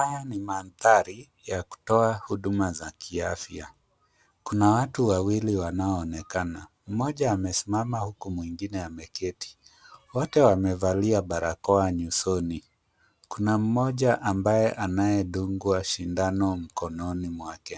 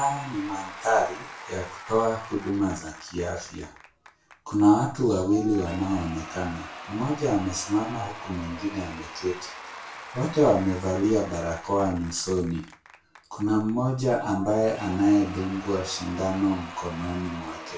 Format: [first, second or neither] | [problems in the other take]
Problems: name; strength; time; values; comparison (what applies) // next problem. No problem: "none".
first | background sound (Applause / Crowd / Cheering); 15 dB below the speech // room echo; dies away in 0.3 s